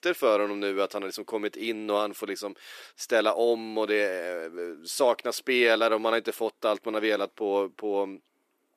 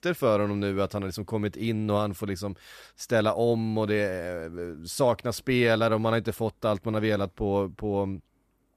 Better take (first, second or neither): second